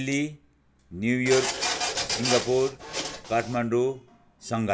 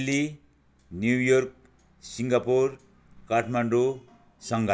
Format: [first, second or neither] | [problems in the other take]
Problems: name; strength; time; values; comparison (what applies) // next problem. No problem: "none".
second | background sound (Printer); 3 dB below the speech